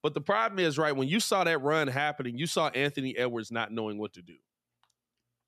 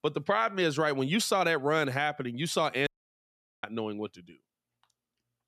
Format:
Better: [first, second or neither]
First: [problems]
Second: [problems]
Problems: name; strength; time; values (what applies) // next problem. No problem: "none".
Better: first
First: none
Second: audio cutting out; at 3 s for 1 s